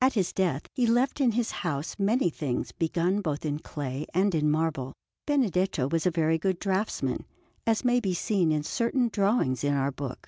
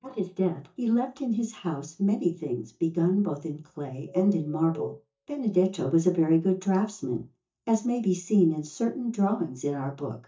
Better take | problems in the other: first | noise reduction (neural mask model DeepFilterNet 3)

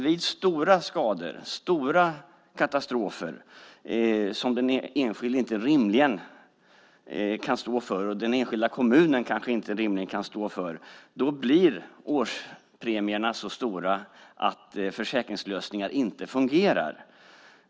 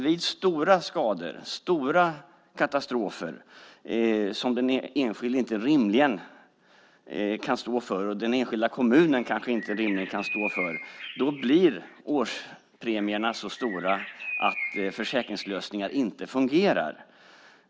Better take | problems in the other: first | background sound (Bird); 11 dB below the speech

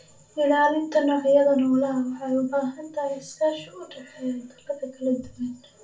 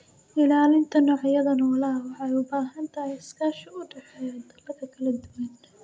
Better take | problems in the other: second | room echo; dies away in 0.2 s

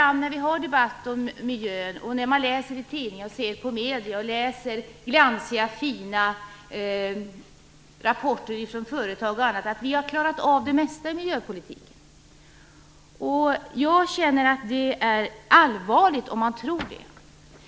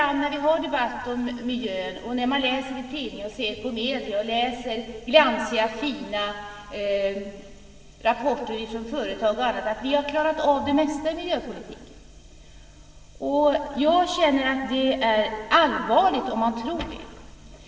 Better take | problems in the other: first | room echo; dies away in 2.4 s

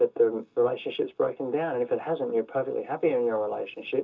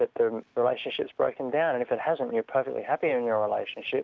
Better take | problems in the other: second | room echo; dies away in 0.2 s

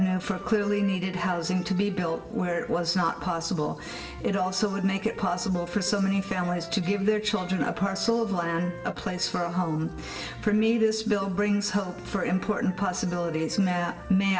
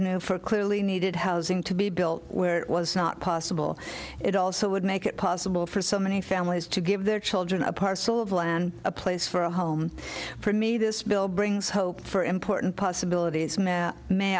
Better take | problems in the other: second | background sound (Wind instrument, woodwind instrument); 18 dB below the speech // room echo; dies away in 1.1 s

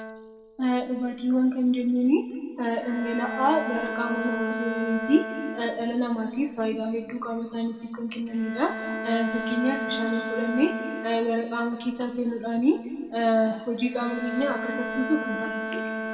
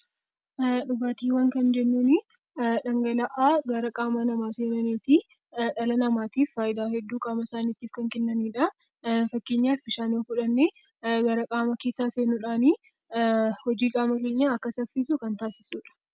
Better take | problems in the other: second | background sound (Bowed string instrument); 8 dB below the speech // room echo; dies away in 1.8 s

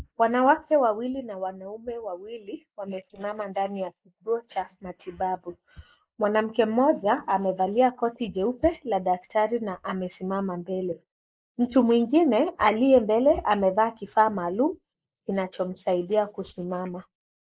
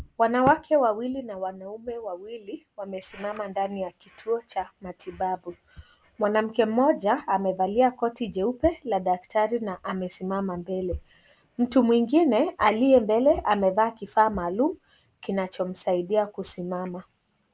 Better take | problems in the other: second | noise reduction (neural mask model Resemble Enhance denoiser)

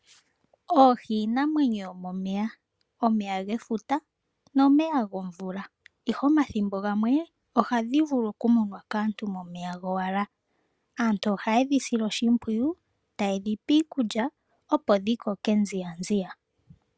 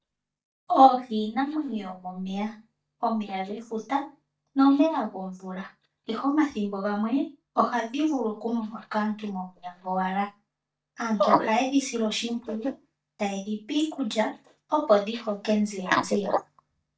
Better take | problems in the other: first | noise reduction (neural mask model DeepFilterNet 3)

